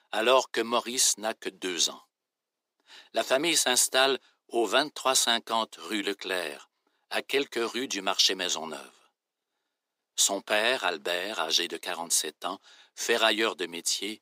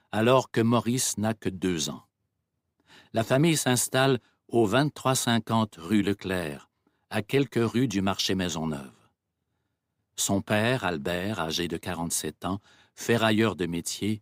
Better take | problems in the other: second | thin; somewhat; fading below 400 Hz

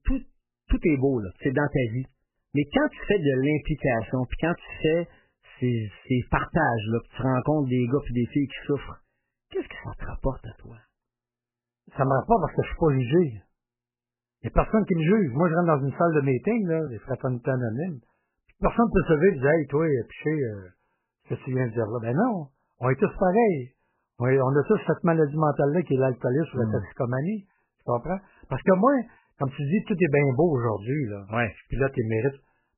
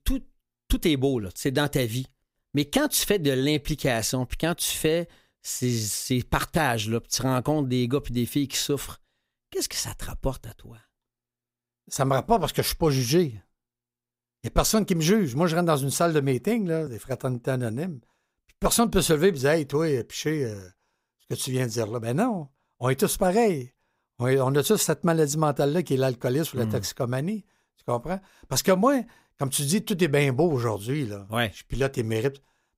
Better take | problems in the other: second | garbled, watery; badly; nothing above 3 kHz

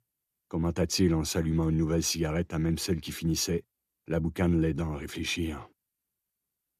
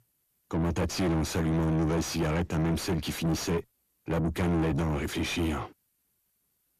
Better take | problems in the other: first | distortion; heavy; 5 dB below the speech

